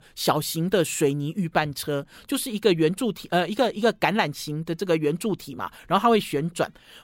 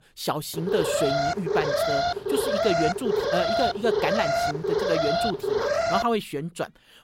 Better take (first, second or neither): first